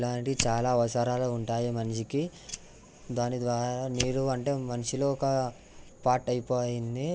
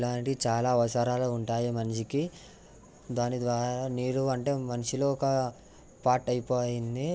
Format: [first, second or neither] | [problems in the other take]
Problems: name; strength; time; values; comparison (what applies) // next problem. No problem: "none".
second | background sound (Fire); 13 dB below the speech